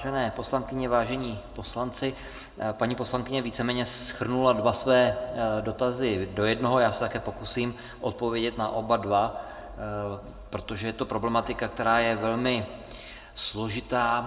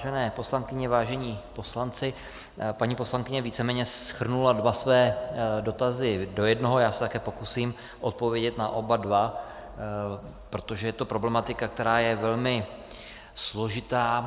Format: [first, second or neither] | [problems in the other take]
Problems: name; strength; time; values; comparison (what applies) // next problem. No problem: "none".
second | room echo; dies away in 0.3 s